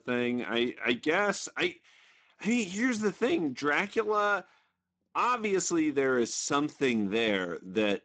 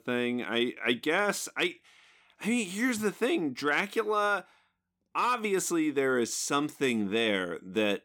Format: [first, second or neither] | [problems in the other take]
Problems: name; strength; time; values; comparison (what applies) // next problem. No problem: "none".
second | garbled, watery; badly; nothing above 7.5 kHz